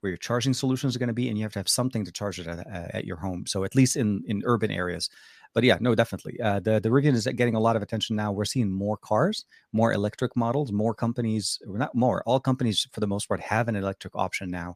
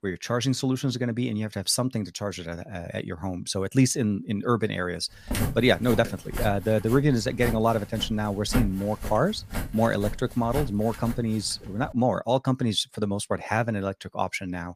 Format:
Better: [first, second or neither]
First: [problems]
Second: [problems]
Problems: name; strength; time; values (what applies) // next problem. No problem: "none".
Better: first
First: none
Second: footsteps; noticeable; from 5.5 to 12 s; peak 3 dB below the speech